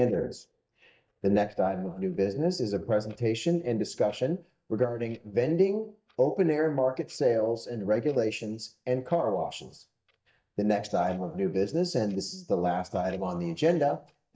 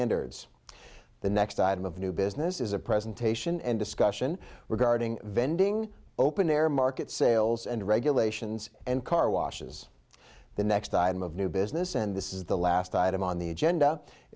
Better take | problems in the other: second | noise reduction (neural mask model DeepFilterNet 3)

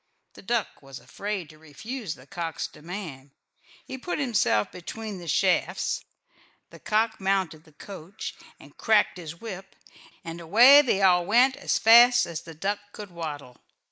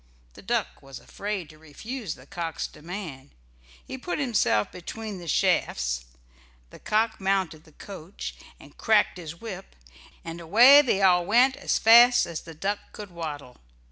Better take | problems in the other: second | noise reduction (neural mask model Resemble Enhance denoiser)

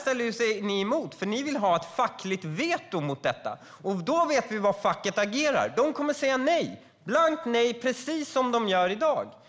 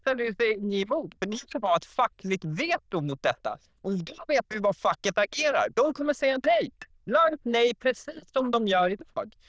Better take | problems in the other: first | noise reduction (neural diffusion model UNIVERSE++)

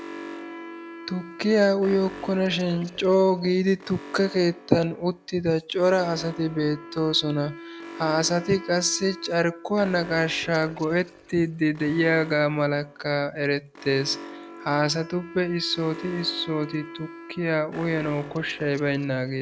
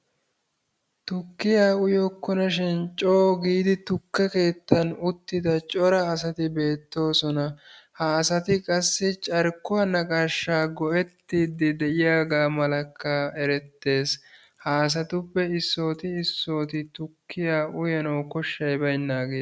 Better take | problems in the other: second | background sound (Wind instrument, woodwind instrument + Alarm); 16 dB below the speech

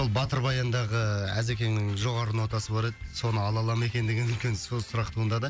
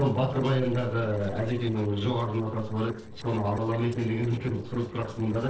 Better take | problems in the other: first | noise reduction (neural separator model SepFormer DNS4)

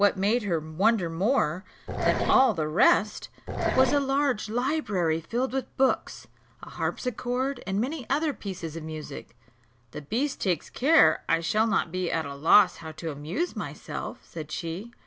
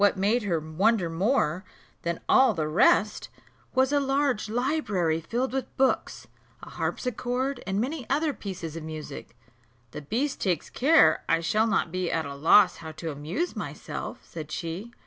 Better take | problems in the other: second | background sound (Growling); 3 dB below the speech

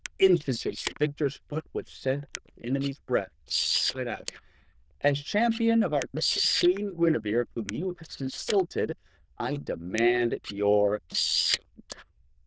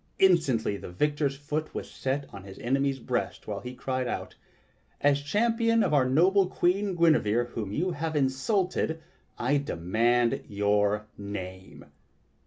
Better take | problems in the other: second | noise reduction (neural diffusion model UNIVERSE++)

